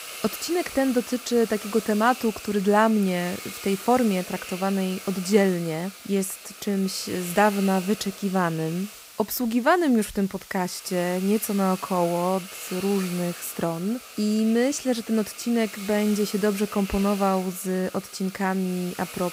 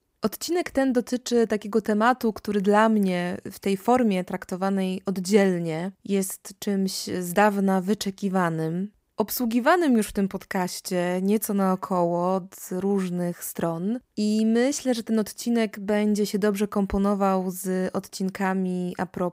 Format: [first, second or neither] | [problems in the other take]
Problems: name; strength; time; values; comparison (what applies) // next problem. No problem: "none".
second | hiss; noticeable; throughout; 15 dB below the speech